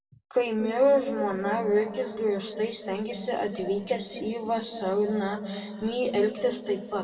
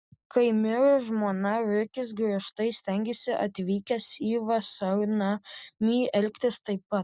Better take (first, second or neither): second